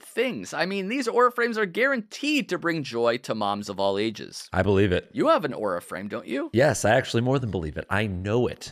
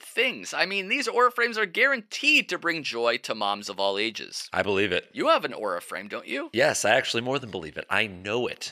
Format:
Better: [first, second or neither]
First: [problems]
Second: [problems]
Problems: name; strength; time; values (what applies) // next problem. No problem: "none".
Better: first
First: none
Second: thin; somewhat; fading below 1 kHz